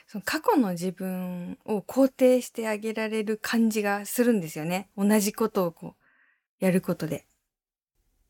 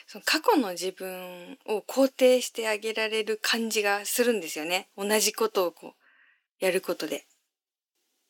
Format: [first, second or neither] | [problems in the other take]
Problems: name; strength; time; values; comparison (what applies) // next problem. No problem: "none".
first | thin; somewhat; fading below 300 Hz